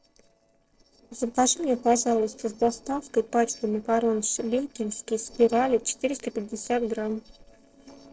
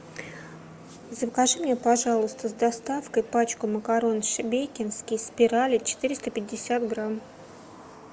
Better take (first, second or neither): second